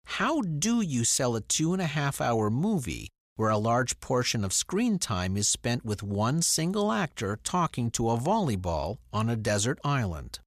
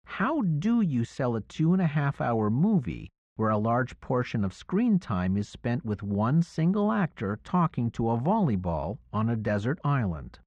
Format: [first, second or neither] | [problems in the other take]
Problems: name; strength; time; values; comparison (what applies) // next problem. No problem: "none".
first | muffled; very; fading above 1.5 kHz